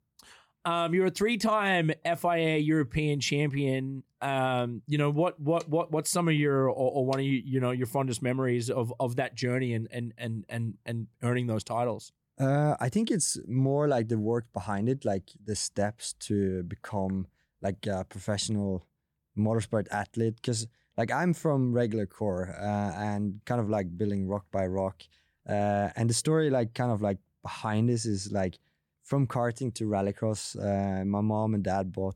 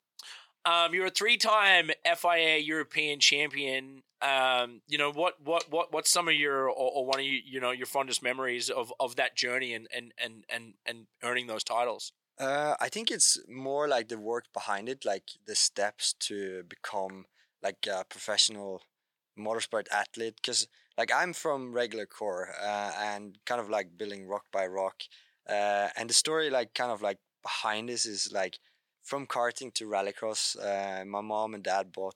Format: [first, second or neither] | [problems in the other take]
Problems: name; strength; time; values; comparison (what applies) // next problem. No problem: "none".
first | thin; very; fading below 600 Hz